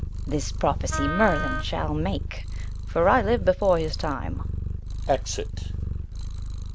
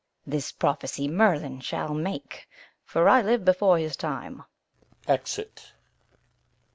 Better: second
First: background sound (Wind instrument, woodwind instrument + Purr); 3 dB below the speech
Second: none

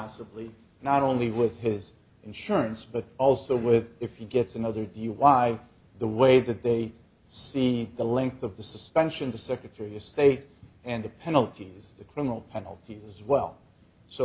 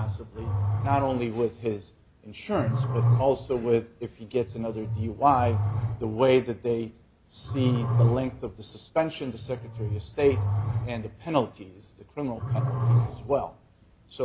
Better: first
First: none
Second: background sound (Growling); 1 dB below the speech

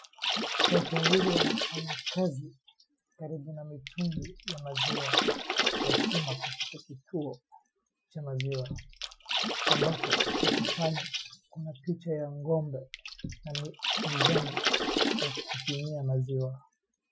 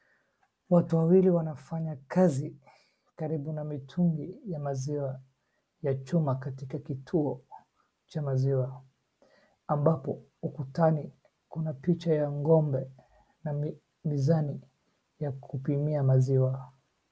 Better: second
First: noise reduction (classical method Wiener filter)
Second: none

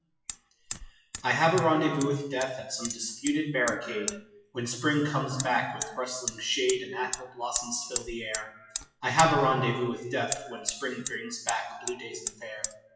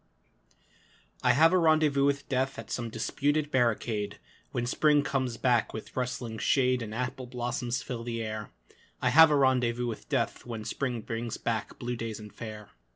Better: second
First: noise reduction (classical method WPE with log-MMSE)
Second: none

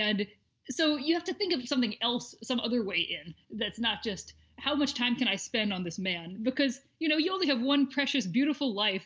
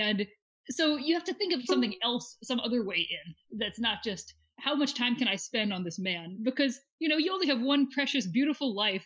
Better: first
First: none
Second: noise reduction (classical method Wiener filter)

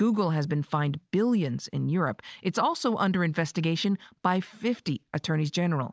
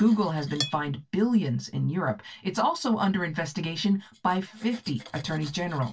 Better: first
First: none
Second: background sound (Cutlery, silverware); 18 dB below the speech // room echo; dies away in 0.1 s

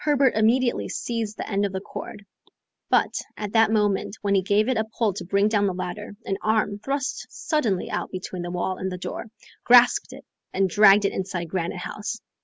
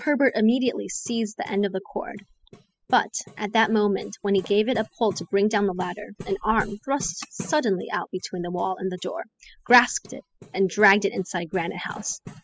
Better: first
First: none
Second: noise reduction (classical method spectral subtraction)

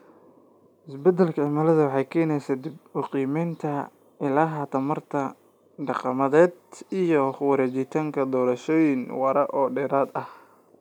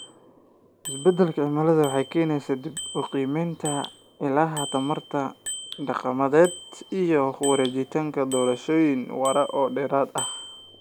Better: first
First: none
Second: background sound (Bicycle bell); 15 dB below the speech

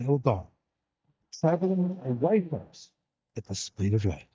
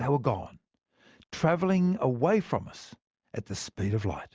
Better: second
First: noise reduction (neural mask model DeepFilterNet 3)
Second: none

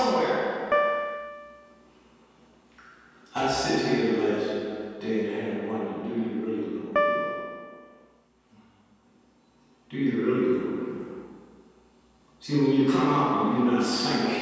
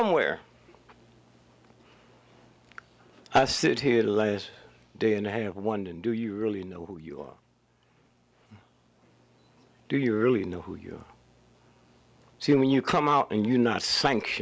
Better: second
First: background sound (Piano); 2 dB below the speech // room echo; dies away in 2.1 s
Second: none

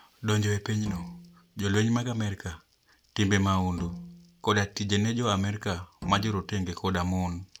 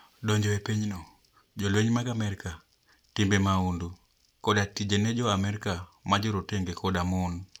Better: second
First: background sound (Bowed string instrument); 14 dB below the speech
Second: none

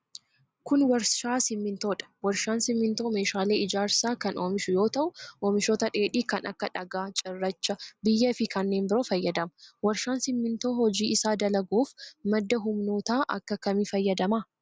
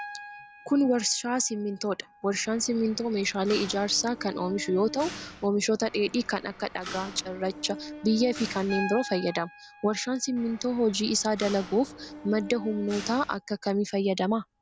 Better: first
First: none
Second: background sound (Piano + Mechanisms); 14 dB below the speech

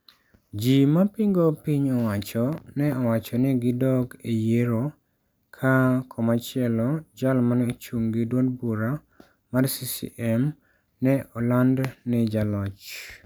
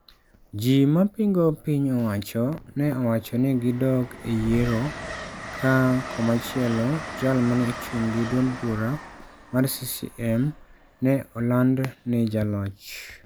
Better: first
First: none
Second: background sound (Train); 14 dB below the speech

